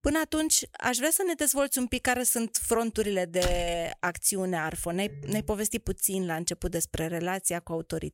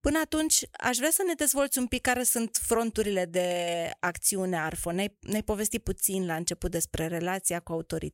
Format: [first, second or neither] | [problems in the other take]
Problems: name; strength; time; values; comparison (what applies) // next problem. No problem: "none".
second | door banging; noticeable; at 3.5 s; peak 6 dB below the speech // phone ringing; faint; at 5 s; peak 15 dB below the speech